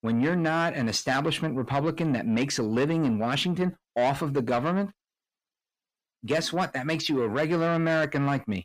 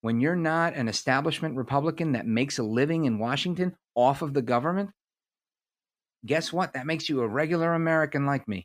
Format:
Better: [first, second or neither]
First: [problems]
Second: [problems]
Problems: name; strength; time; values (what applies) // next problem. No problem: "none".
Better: second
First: distortion; slight; 10 dB below the speech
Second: none